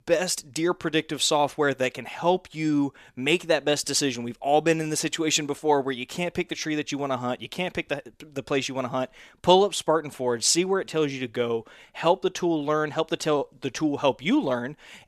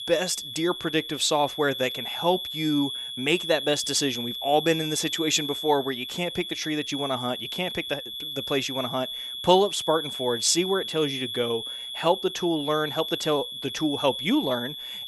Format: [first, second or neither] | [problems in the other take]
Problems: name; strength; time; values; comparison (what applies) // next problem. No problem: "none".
first | high-pitched whine; loud; throughout; 3.5 kHz, 5 dB below the speech